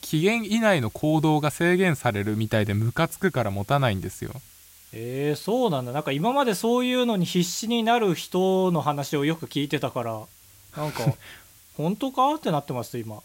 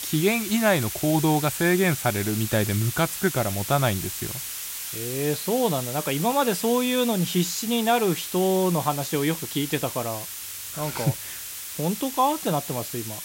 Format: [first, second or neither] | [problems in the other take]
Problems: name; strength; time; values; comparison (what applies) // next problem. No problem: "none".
first | hiss; loud; throughout; 6 dB below the speech; faint in the first